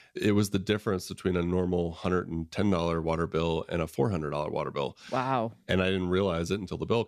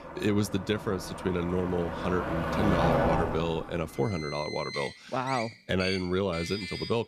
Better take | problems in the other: first | traffic noise; loud; throughout; 3 dB below the speech

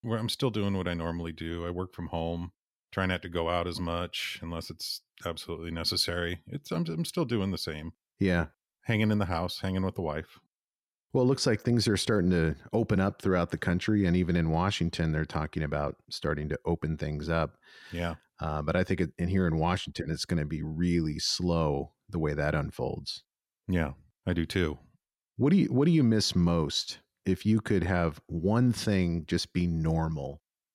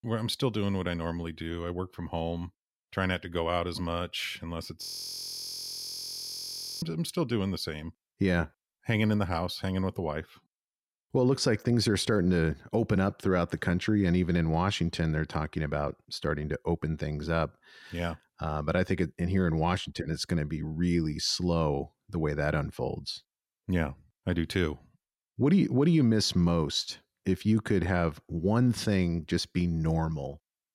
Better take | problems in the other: first | audio freezing; at 5 s for 2 s

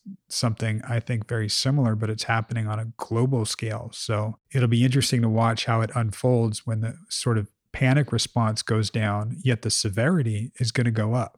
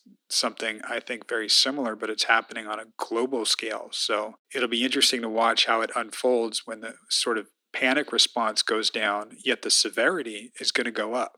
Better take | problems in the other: first | thin; very; fading below 300 Hz

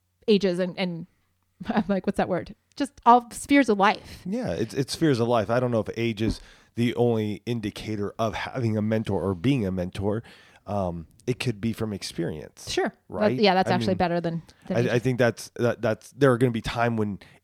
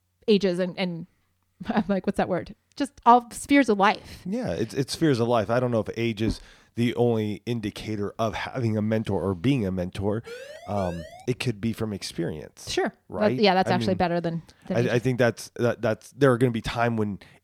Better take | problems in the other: first | siren; faint; from 10 to 11 s; peak 15 dB below the speech

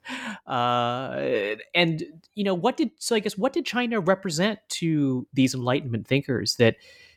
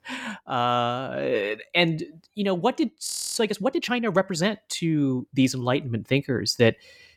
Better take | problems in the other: first | audio freezing; at 3 s

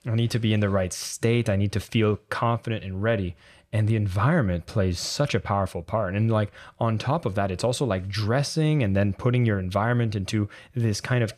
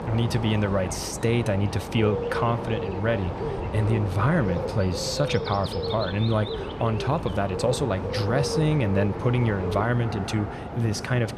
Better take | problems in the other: first | animal sounds; loud; throughout; 5 dB below the speech

